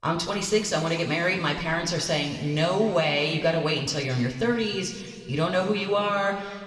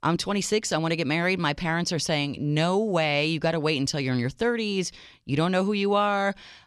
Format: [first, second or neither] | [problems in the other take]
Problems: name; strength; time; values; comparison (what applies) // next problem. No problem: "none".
second | room echo; slight; dies away in 2.2 s